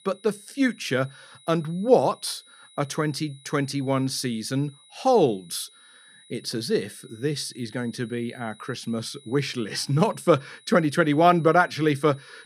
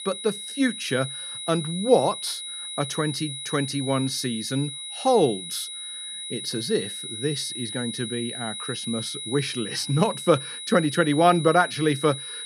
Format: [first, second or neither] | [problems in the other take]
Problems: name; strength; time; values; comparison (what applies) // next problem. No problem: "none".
first | high-pitched whine; loud; throughout; 4 kHz, 7 dB below the speech; faint in the first